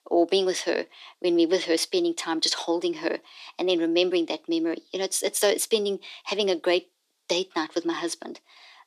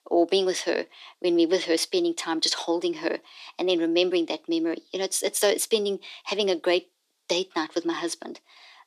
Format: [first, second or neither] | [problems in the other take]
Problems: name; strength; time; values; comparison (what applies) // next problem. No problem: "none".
neither | thin; very; fading below 300 Hz; the same in both